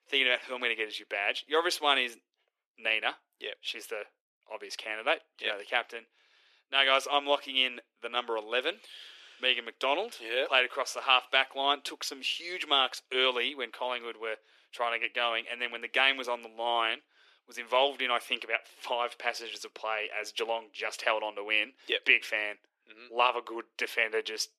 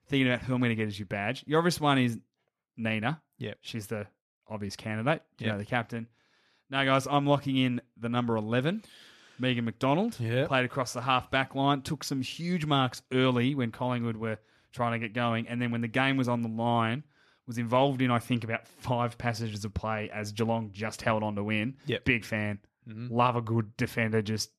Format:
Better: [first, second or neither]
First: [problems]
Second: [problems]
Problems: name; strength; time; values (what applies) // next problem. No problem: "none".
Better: second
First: thin; very; fading below 350 Hz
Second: none